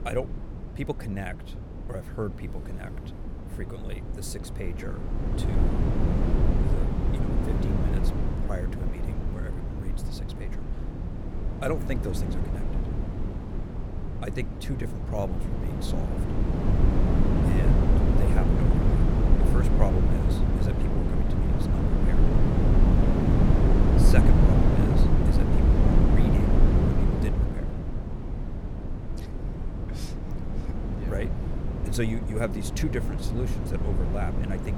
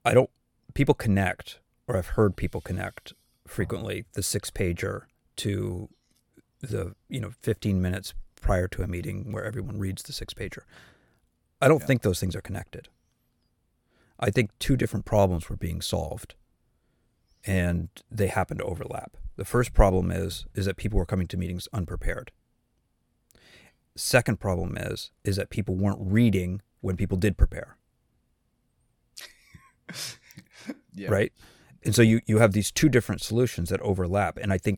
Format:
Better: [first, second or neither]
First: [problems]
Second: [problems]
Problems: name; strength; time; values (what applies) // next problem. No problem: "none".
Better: second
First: wind noise on the microphone; heavy; 4 dB above the speech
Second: none